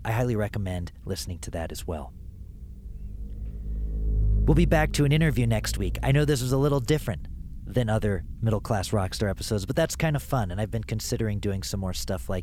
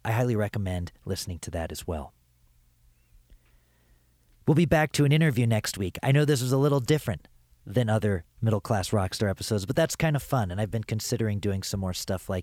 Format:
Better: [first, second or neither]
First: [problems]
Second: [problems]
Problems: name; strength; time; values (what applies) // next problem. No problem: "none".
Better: second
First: low rumble; faint; throughout; 20 dB below the speech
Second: none